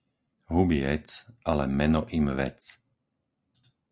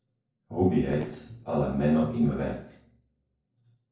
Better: first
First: none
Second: noise reduction (neural separator model SepFormer DNS4)

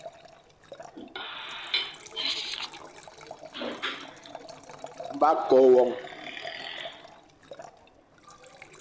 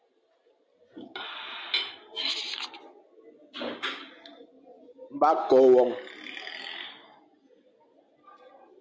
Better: second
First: background sound (Liquid); 17 dB below the speech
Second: none

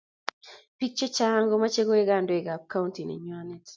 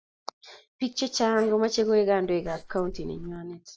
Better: first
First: none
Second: noise reduction (neural mask model Resemble Enhance denoiser)

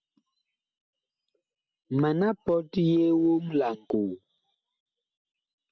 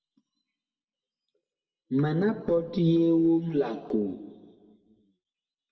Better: first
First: none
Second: room echo; dies away in 1.2 s

